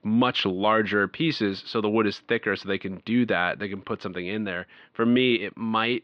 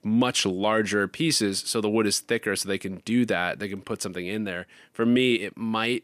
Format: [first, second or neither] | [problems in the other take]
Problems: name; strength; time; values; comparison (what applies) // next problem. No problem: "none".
second | muffled; slightly; fading above 4 kHz